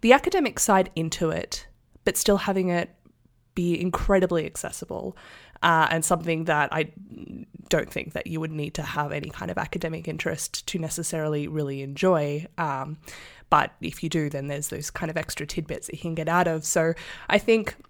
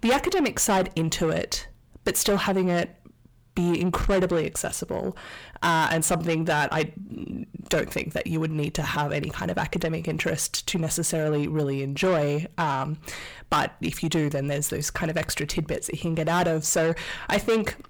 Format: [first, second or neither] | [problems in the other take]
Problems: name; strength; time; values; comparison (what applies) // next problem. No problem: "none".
first | distortion; heavy; 6 dB below the speech